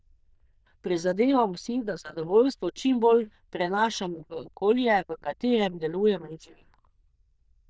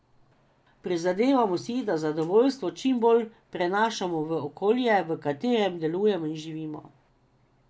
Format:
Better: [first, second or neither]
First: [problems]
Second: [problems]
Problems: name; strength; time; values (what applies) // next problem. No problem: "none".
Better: second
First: noise reduction (neural diffusion model UNIVERSE++)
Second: none